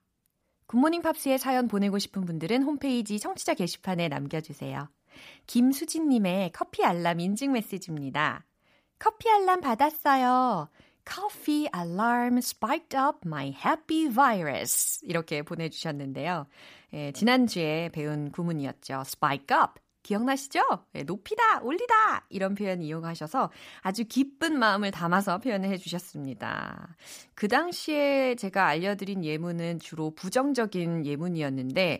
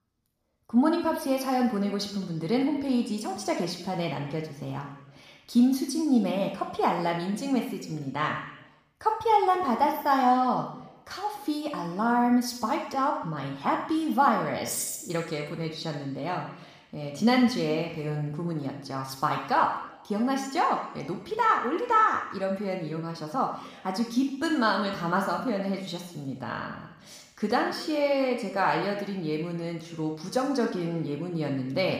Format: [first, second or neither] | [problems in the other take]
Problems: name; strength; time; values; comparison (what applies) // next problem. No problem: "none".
first | room echo; noticeable; dies away in 0.9 s // off-mic speech; somewhat distant